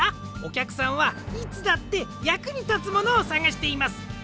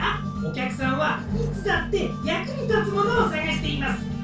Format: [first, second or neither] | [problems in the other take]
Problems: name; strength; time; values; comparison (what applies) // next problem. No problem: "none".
first | room echo; dies away in 0.2 s